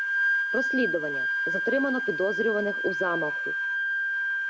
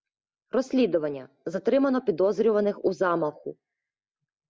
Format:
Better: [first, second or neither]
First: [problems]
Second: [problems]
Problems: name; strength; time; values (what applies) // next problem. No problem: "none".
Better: second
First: background sound (Wind instrument, woodwind instrument); 3 dB above the speech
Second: none